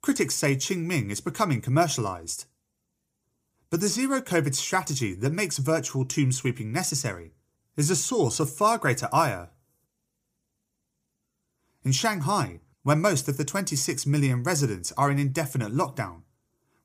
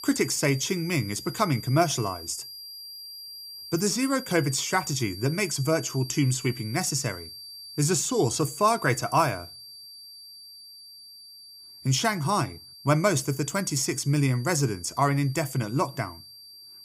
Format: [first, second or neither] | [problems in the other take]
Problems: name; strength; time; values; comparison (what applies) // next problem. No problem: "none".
first | high-pitched whine; noticeable; throughout; 4.5 kHz, 15 dB below the speech